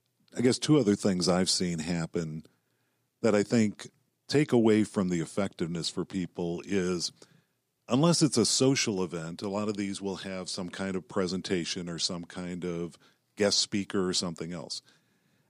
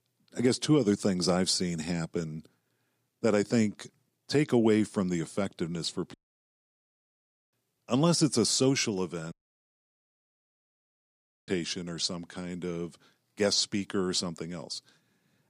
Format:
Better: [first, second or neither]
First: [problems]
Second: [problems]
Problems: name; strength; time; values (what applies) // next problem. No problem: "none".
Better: first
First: none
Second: audio cutting out; at 6 s for 1.5 s and at 9.5 s for 2 s